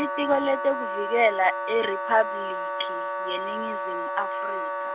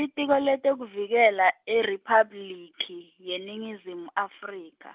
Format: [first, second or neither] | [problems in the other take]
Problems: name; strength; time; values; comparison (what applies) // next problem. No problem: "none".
second | background sound (Wind instrument, woodwind instrument); 3 dB below the speech